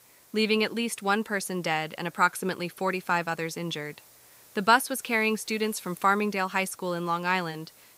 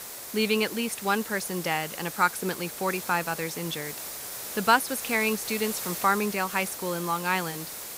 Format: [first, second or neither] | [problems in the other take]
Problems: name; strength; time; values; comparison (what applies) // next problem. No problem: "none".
first | hiss; loud; throughout; 8 dB below the speech; faint in the first